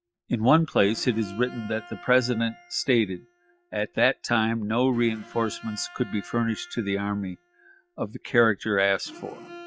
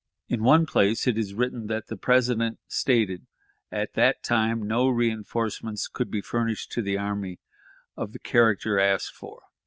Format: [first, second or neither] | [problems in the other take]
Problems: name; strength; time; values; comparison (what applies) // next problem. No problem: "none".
second | noise reduction (classical method log-MMSE)